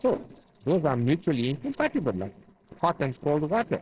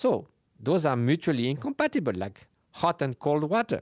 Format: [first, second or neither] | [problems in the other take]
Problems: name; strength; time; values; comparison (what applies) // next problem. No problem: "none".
second | noise reduction (neural separator model SepFormer DNS4)